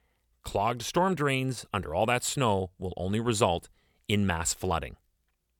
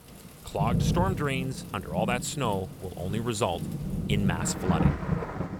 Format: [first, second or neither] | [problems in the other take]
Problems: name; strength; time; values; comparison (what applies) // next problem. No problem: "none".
first | rain or running water; loud; throughout; as loud as the speech